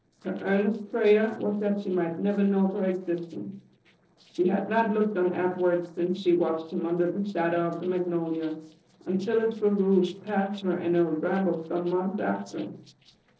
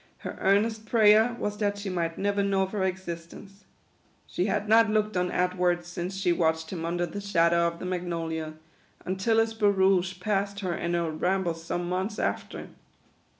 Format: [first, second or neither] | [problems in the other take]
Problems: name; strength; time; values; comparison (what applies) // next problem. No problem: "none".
second | noise reduction (neural separator model SepFormer DNS4)